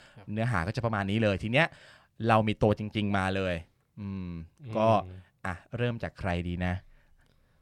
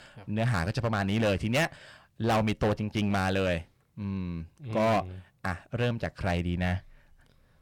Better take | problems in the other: first | distortion; heavy; 8% of the sound clipped

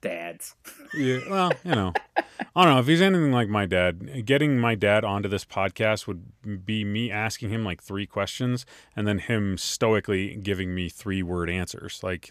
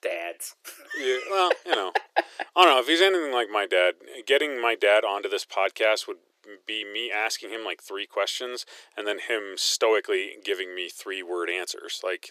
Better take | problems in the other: first | thin; very; fading below 350 Hz

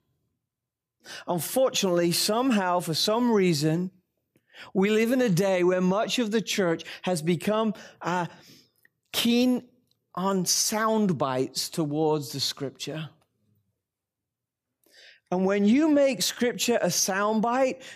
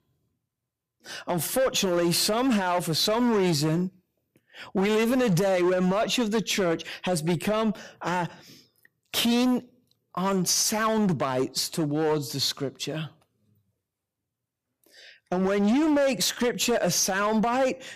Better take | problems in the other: first | distortion; slight; 12% of the sound clipped

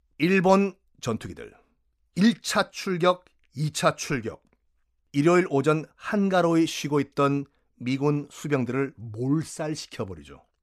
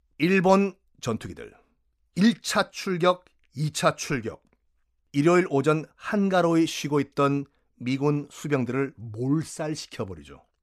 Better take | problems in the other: neither | none

